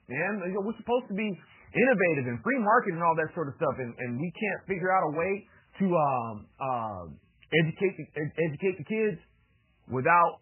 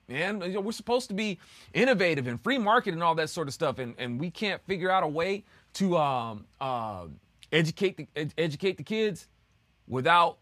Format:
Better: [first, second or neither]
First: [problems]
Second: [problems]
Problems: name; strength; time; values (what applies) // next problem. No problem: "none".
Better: second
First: garbled, watery; badly; nothing above 3 kHz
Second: none